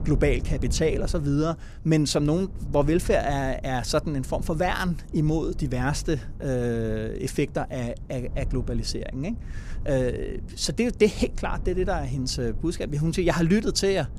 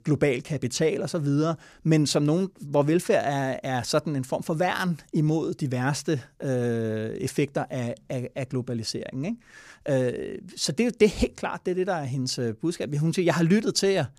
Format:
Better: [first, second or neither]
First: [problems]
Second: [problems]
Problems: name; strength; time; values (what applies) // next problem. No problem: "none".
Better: second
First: low rumble; faint; throughout; 20 dB below the speech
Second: none